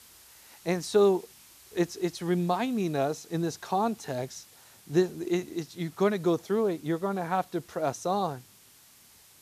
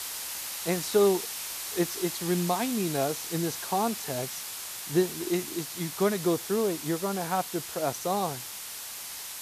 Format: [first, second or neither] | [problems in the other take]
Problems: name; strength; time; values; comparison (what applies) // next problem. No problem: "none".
first | hiss; loud; throughout; 5 dB below the speech; faint in the first